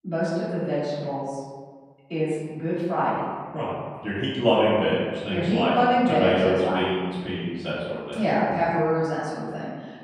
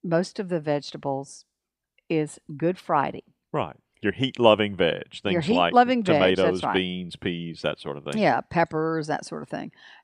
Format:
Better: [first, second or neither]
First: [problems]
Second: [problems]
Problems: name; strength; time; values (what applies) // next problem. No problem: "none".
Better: second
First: off-mic speech; far // room echo; strong; dies away in 1.5 s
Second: none